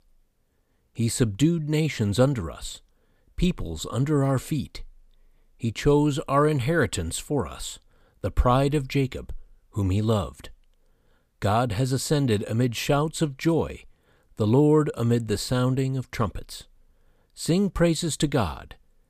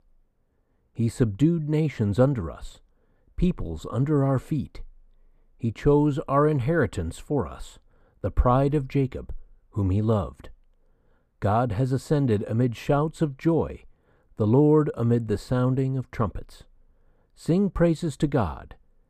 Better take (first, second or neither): first